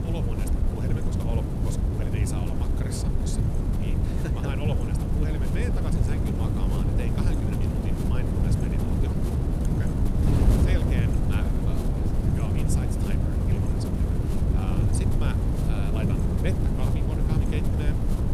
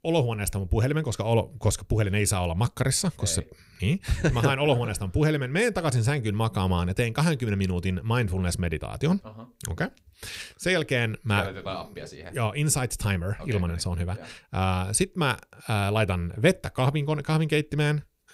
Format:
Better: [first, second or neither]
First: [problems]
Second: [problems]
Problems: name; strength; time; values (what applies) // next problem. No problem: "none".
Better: second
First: wind noise on the microphone; heavy; 5 dB above the speech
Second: none